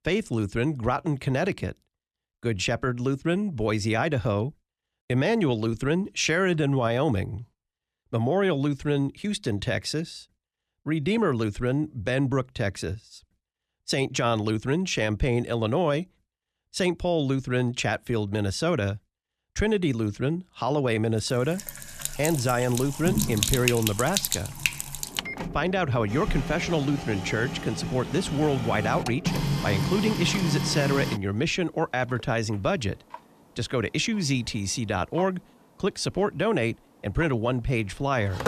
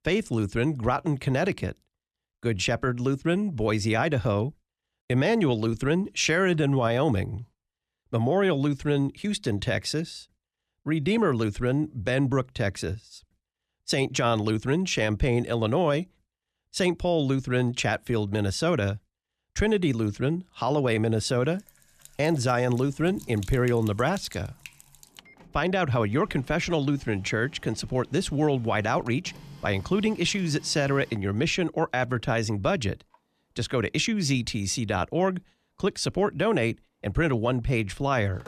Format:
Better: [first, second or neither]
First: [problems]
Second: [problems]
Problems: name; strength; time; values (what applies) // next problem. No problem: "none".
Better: second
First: household noises; loud; from 22 s on; 4 dB below the speech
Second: household noises; faint; from 22 s on; 25 dB below the speech